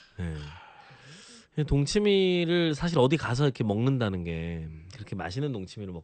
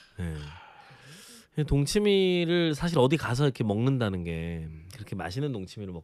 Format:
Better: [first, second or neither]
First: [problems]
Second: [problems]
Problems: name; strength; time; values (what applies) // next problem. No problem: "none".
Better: second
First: garbled, watery; slightly; nothing above 8.5 kHz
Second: none